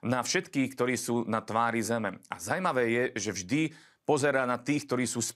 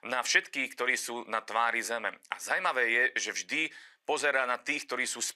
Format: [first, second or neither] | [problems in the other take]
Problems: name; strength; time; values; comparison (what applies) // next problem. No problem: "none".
first | thin; very; fading below 550 Hz